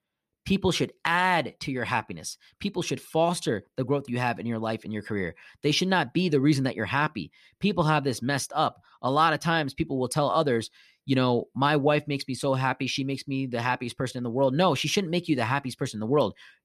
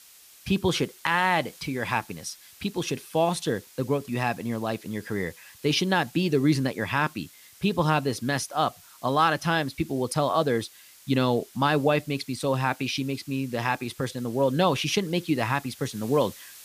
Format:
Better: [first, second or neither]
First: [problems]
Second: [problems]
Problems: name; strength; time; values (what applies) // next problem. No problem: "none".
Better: first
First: none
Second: hiss; faint; throughout; 20 dB below the speech